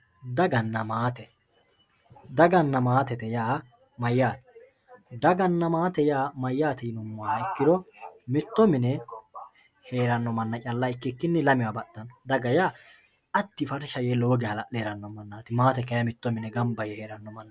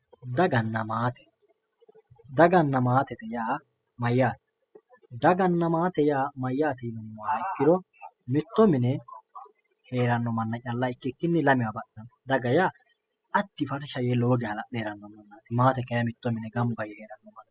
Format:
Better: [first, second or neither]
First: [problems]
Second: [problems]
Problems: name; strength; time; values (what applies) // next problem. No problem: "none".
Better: first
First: none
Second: noise reduction (classical method spectral subtraction)